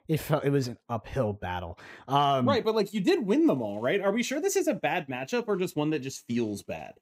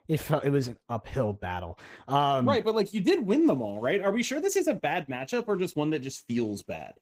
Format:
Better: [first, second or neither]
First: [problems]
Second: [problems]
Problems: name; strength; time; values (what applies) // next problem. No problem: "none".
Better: first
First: none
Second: garbled, watery; slightly; nothing above 15.5 kHz